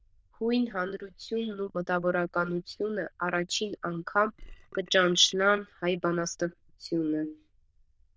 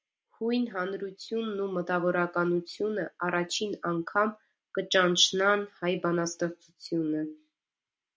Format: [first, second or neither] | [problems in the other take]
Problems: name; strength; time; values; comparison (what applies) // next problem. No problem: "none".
second | noise reduction (neural diffusion model UNIVERSE++)